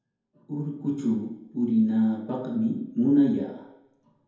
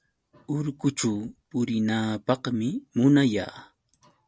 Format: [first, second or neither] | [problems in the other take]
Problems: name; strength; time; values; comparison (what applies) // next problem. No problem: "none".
second | room echo; dies away in 0.9 s